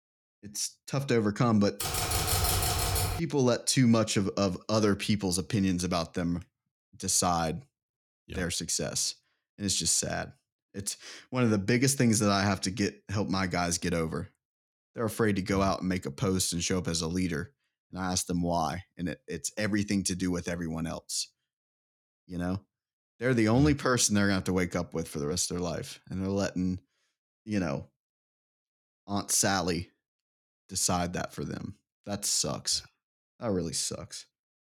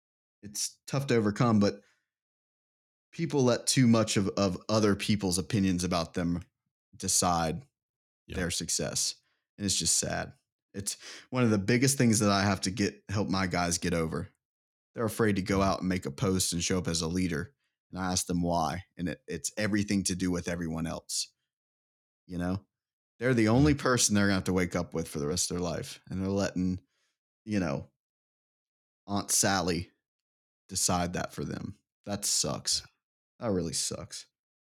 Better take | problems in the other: second | keyboard typing; loud; from 2 to 3 s; peak 3 dB above the speech

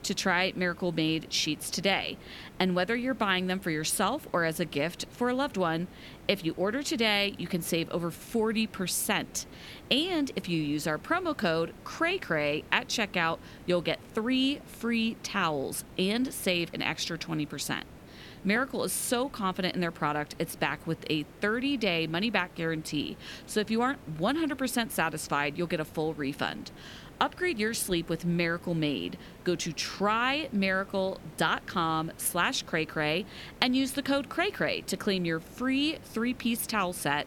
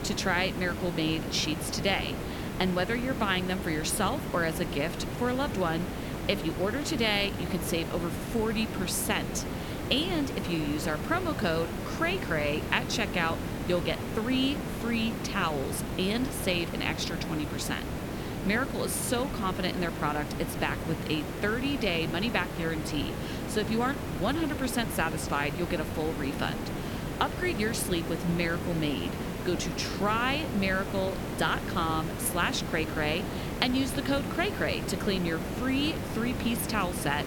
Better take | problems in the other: first | hiss; loud; throughout; 4 dB below the speech; faint in the first

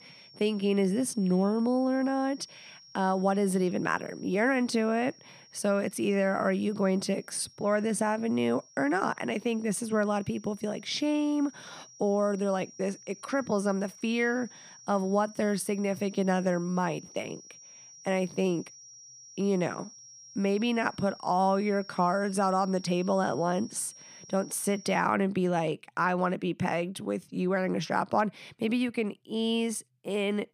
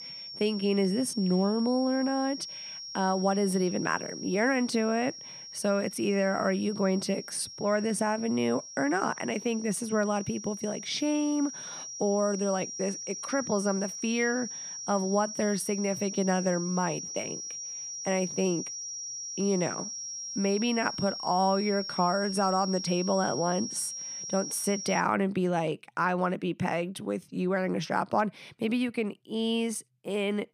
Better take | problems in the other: first | high-pitched whine; loud; until 25 s; 5.5 kHz, 8 dB below the speech; faint in the first

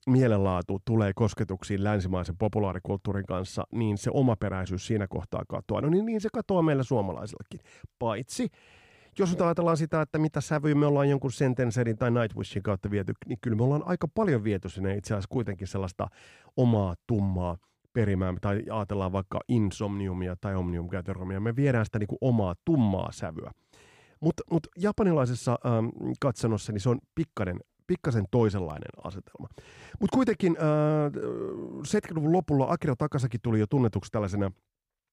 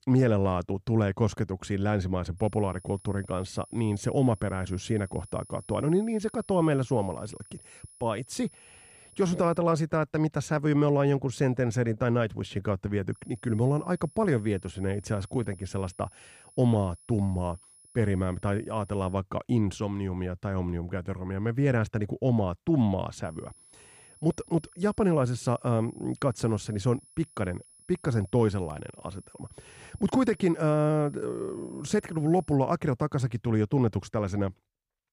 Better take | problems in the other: first | high-pitched whine; faint; from 2.5 to 9.5 s, from 13 to 19 s and from 23 to 33 s; 10.5 kHz, 25 dB below the speech

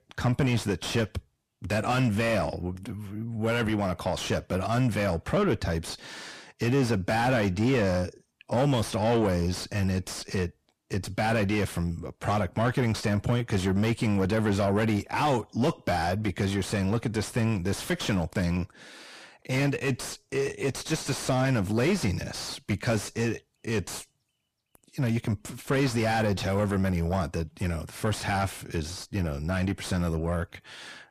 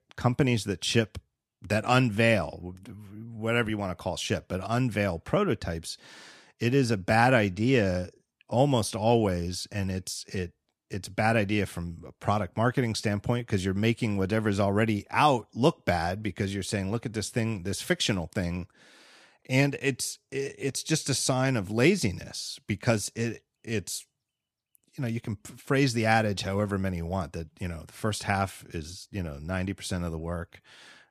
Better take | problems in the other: second | distortion; heavy; 6 dB below the speech

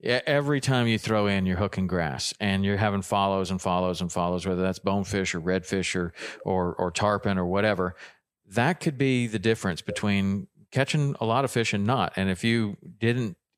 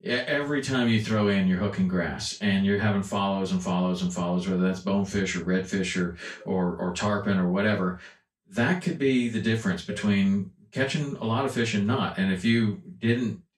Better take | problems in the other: first | room echo; slight; dies away in 0.2 s // off-mic speech; far

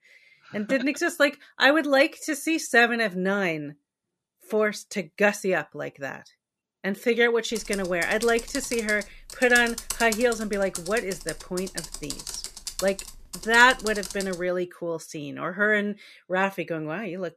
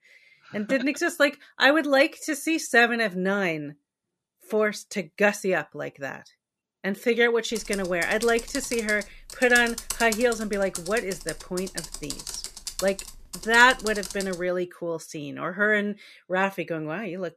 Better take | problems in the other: neither | keyboard typing; noticeable; from 7.5 to 14 s; peak 6 dB below the speech; the same in both

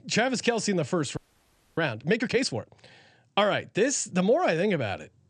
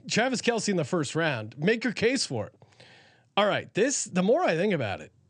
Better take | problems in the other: second | audio freezing; at 1 s for 0.5 s

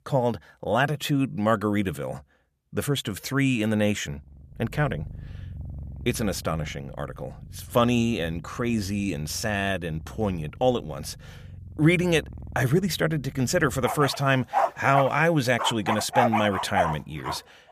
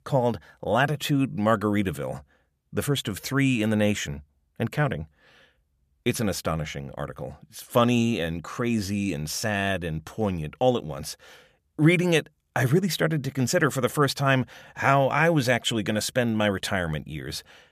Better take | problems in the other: second | animal sounds; loud; from 4.5 s on; 7 dB below the speech

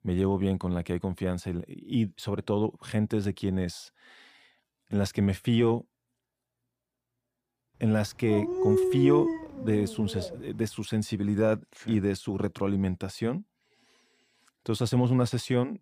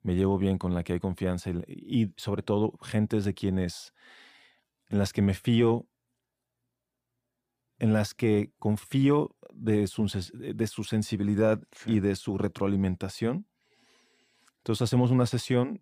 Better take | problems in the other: second | dog barking; loud; from 8.5 to 10 s; peak 4 dB above the speech

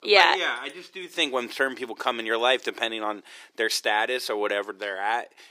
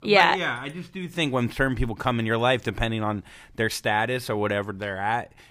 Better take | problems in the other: second | thin; somewhat; fading below 350 Hz

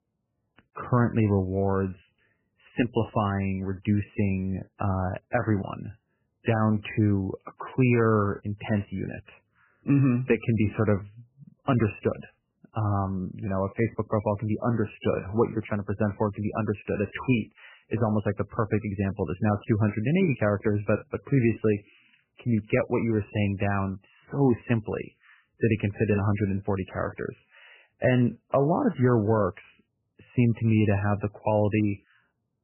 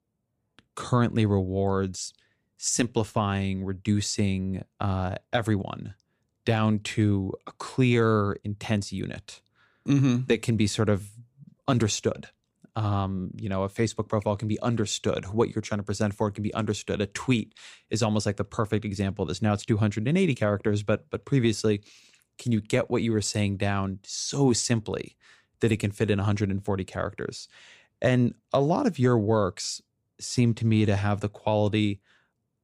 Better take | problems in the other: second | garbled, watery; badly; nothing above 3 kHz

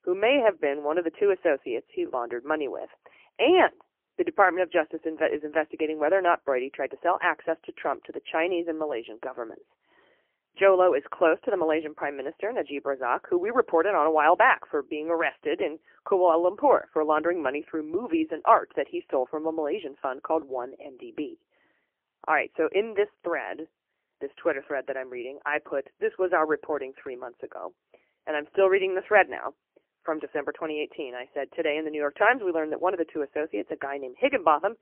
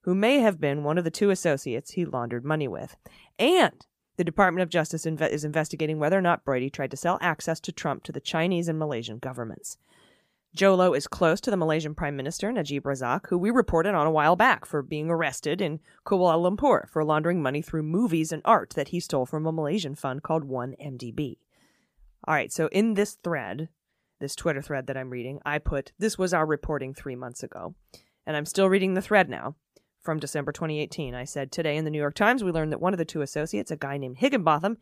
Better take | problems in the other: second | phone-call audio; poor line; nothing above 3 kHz

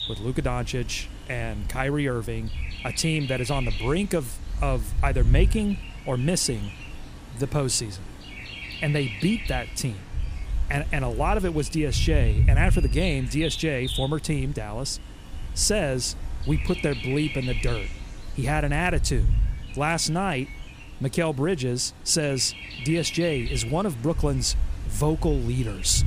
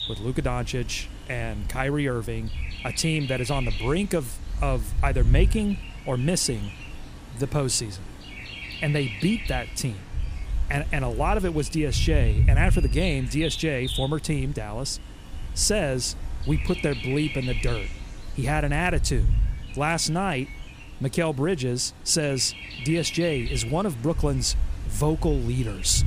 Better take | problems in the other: neither | animal sounds; loud; throughout; 5 dB below the speech; the same in both

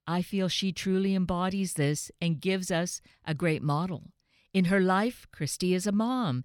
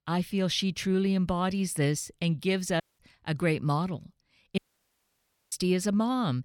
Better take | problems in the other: first | audio cutting out; at 3 s and at 4.5 s for 1 s

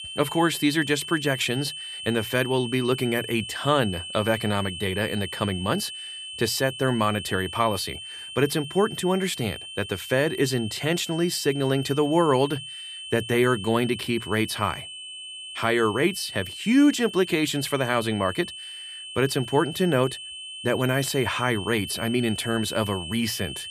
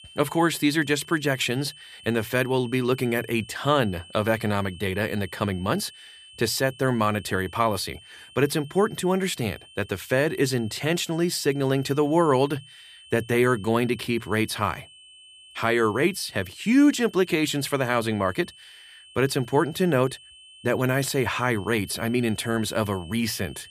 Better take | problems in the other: second | high-pitched whine; loud; throughout; 3 kHz, 10 dB below the speech; faint in the second

